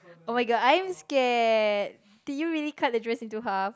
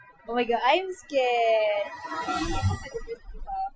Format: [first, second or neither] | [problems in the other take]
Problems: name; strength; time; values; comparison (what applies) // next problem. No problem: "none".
first | noise reduction (classical method Wiener filter)